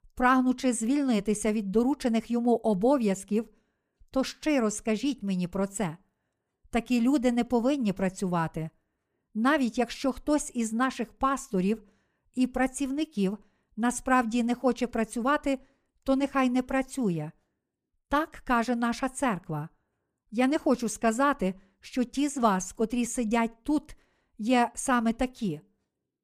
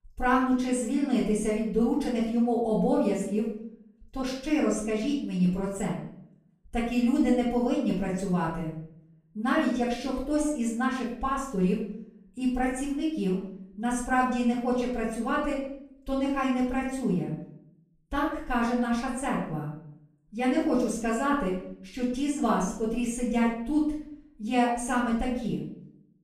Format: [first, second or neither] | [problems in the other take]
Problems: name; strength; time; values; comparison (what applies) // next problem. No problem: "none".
first | room echo; noticeable; dies away in 0.6 s // off-mic speech; far